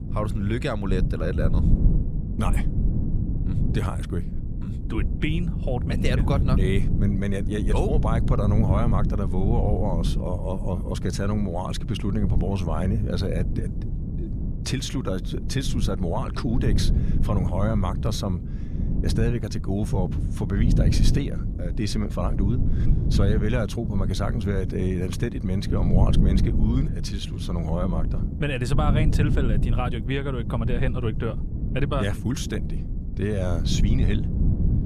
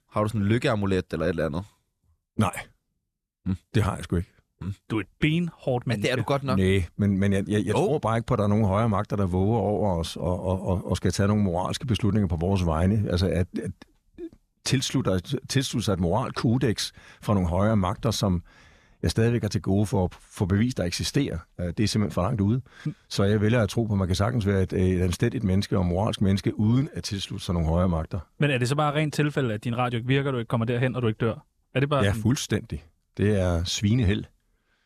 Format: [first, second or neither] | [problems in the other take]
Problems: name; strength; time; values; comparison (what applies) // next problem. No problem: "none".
second | low rumble; loud; throughout; 7 dB below the speech